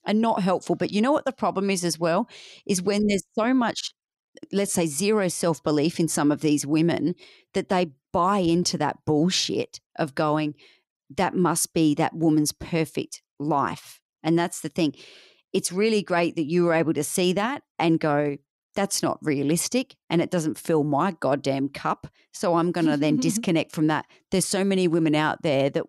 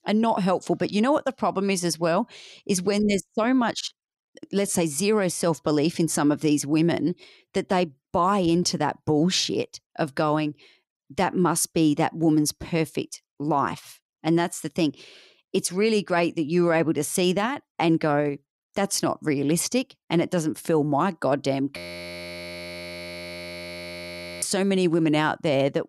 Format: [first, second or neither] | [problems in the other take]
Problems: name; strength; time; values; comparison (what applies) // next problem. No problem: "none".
first | audio freezing; at 22 s for 2.5 s